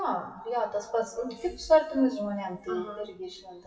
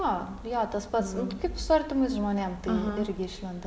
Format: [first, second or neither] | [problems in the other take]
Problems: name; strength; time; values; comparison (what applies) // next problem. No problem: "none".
second | noise reduction (classical method WPE with log-MMSE)